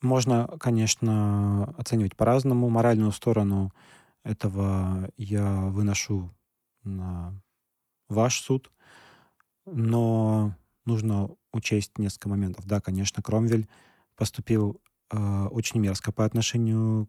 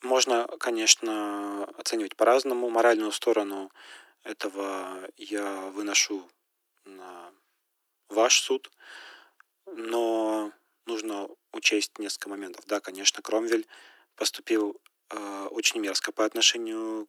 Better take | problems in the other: first | thin; very; fading below 300 Hz

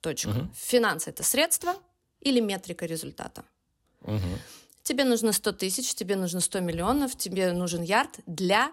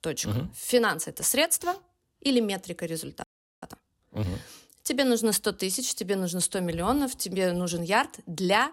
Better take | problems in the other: first | audio freezing; at 3 s

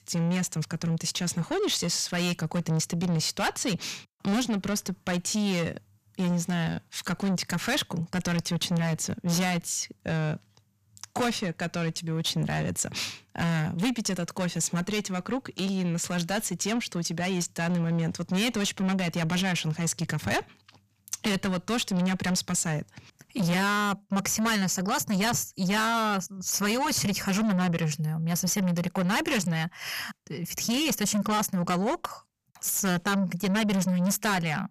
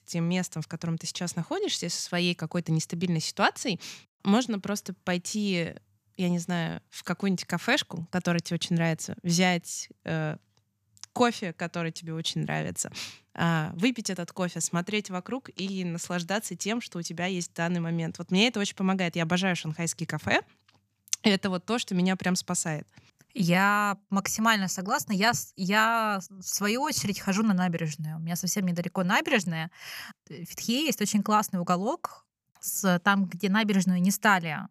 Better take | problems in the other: second | distortion; heavy; 6 dB below the speech

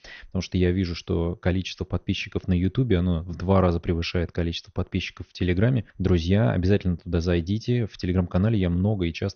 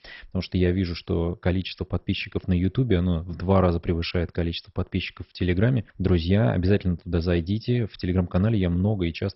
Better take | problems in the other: first | garbled, watery; badly; nothing above 5.5 kHz; slightly in the first

